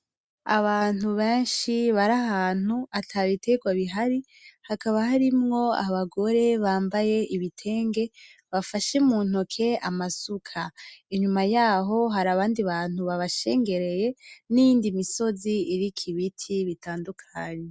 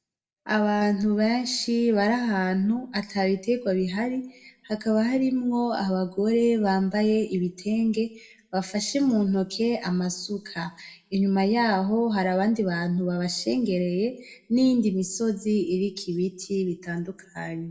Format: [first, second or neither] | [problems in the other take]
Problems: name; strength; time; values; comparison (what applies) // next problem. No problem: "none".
first | room echo; dies away in 0.5 s